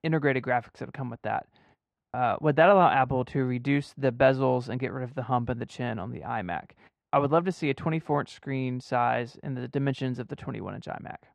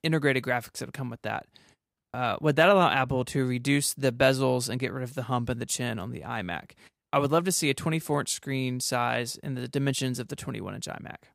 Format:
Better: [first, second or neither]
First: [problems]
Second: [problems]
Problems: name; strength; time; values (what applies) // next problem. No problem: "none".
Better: second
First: muffled; very; fading above 2 kHz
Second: none